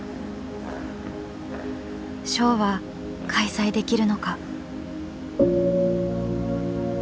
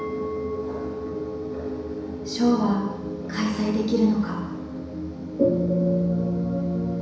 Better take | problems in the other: first | background sound (Chink, clink); 12 dB below the speech // room echo; dies away in 1 s

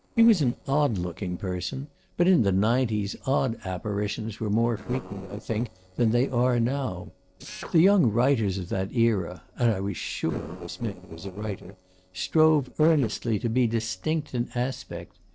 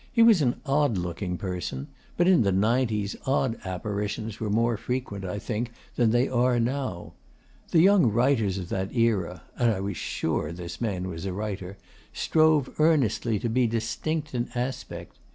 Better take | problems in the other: second | noise reduction (neural separator model SepFormer DNS4)

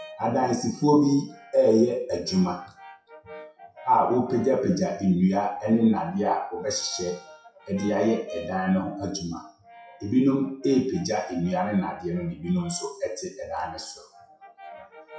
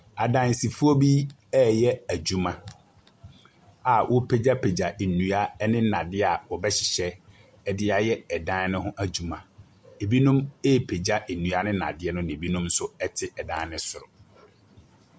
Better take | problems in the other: second | noise reduction (classical method WPE with log-MMSE)

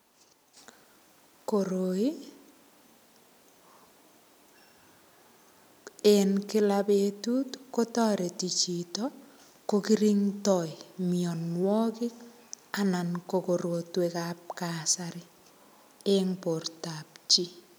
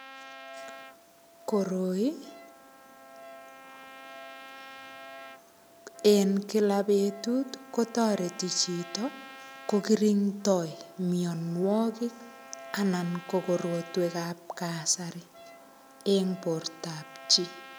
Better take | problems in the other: first | background sound (Wind instrument, woodwind instrument + Trumpet); 18 dB below the speech

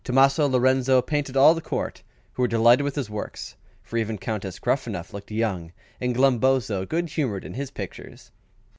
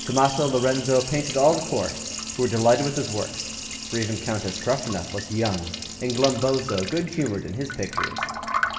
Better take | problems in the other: first | background sound (Liquid); 7 dB below the speech // room echo; dies away in 1.1 s

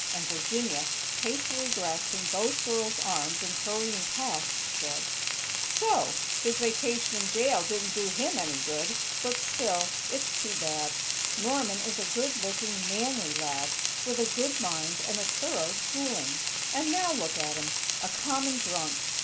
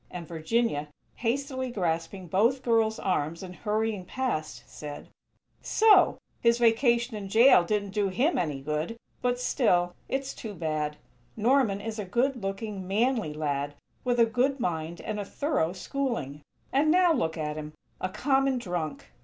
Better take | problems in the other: second | background sound (Frying (food)); 3 dB above the speech

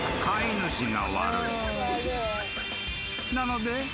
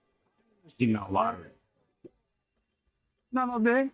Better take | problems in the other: first | noise reduction (neural mask model DeepFilterNet 3)

